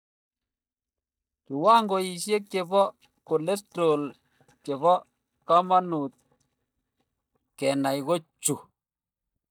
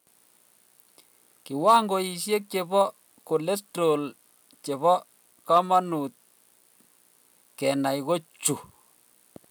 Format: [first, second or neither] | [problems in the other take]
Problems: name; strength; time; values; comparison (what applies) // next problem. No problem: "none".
second | noise reduction (neural mask model DeepFilterNet 3)